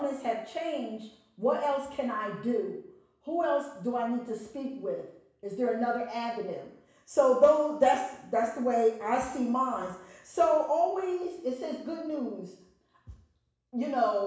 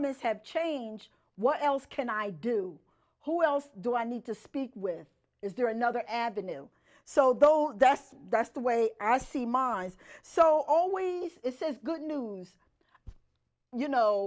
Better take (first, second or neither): second